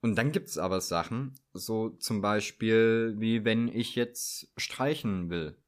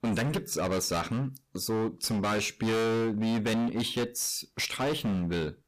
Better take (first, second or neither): first